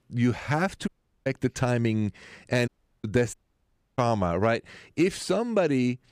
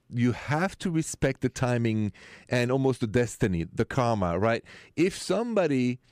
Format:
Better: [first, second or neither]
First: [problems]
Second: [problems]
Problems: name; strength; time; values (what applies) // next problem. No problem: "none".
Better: second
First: audio cutting out; at 1 s, at 2.5 s and at 3.5 s for 0.5 s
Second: none